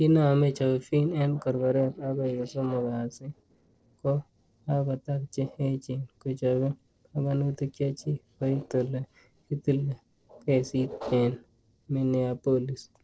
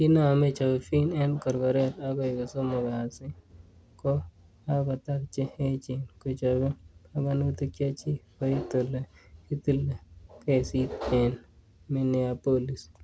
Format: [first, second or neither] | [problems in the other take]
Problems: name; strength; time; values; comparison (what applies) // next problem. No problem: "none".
second | noise reduction (neural separator model SepFormer DNS4)